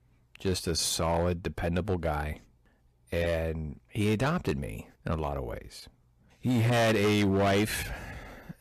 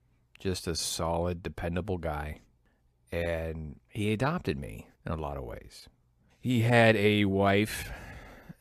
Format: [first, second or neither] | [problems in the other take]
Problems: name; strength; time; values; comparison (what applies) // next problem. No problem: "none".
second | distortion; heavy; 8% of the sound clipped